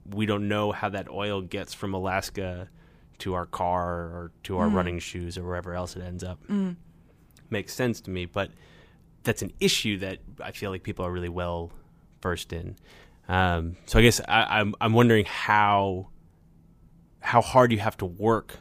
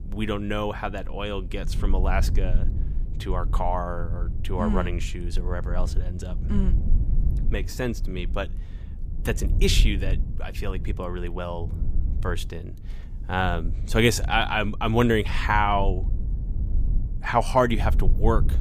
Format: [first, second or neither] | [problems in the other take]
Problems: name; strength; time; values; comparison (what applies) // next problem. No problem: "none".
first | low rumble; noticeable; throughout; 20 dB below the speech